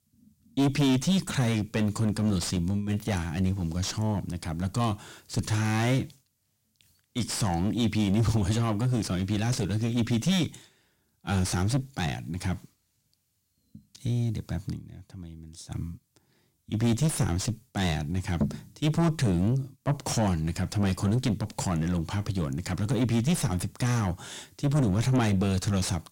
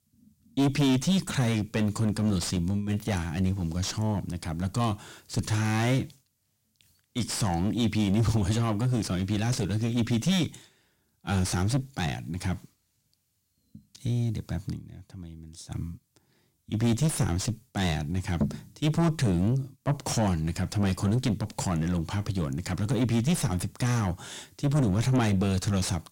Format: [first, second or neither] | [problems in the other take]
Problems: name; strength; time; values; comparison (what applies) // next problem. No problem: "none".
neither | distortion; heavy; 4 dB below the speech; the same in both